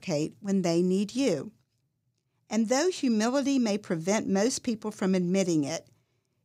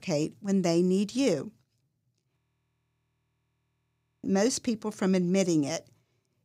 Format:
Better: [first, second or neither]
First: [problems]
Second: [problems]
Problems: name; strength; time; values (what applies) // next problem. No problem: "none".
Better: first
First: none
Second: audio freezing; at 2.5 s for 2 s